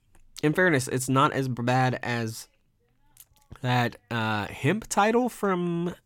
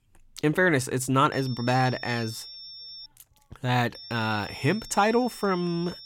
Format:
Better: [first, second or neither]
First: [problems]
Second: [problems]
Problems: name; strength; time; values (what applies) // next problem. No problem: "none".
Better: first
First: none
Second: high-pitched whine; noticeable; from 1.5 to 3 s and from 4 s on; 5.5 kHz, 15 dB below the speech